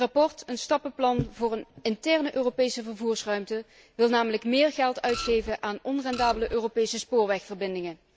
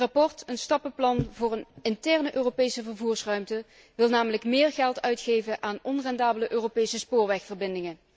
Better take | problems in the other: second | background sound (Printer); 9 dB below the speech

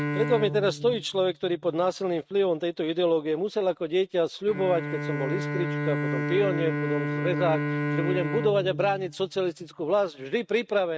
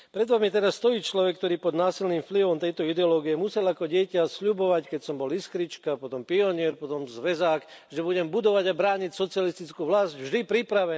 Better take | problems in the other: second | noise reduction (neural mask model RNNoise)

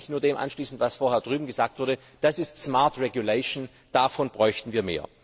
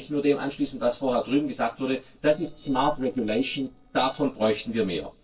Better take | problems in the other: first | noise reduction (neural separator model SepFormer DNS4)

